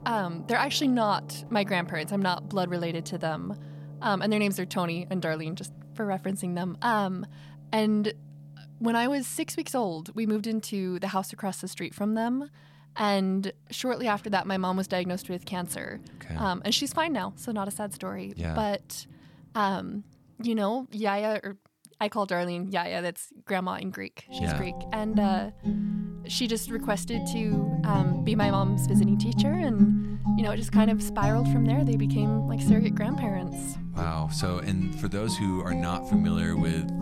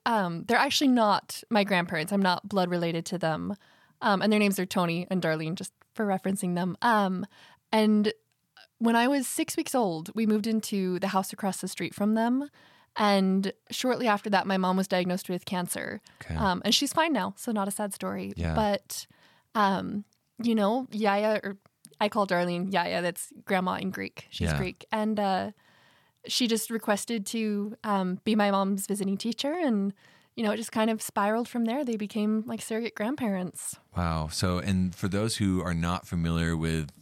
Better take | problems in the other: second | background music; very loud; throughout; 2 dB above the speech

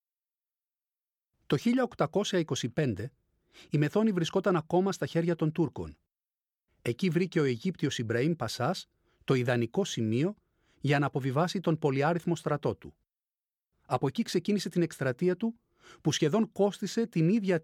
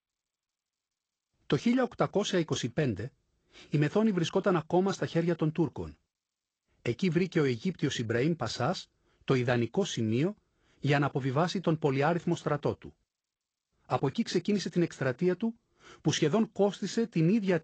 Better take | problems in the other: first | garbled, watery; slightly; nothing above 7.5 kHz

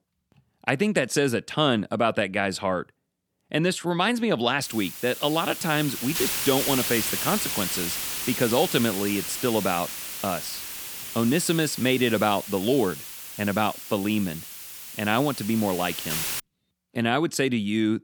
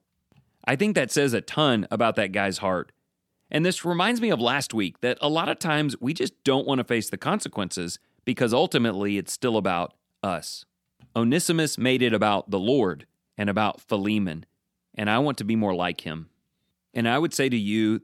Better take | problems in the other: second | hiss; loud; from 4.5 to 16 s; 5 dB below the speech

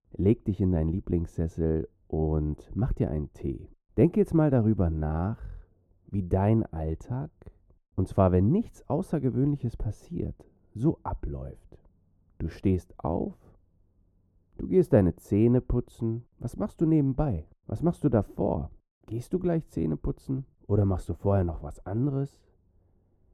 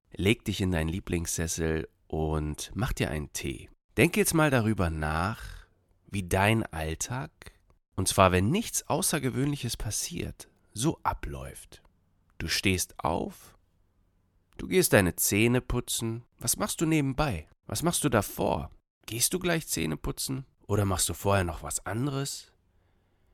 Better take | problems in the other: second | muffled; very; fading above 1.5 kHz

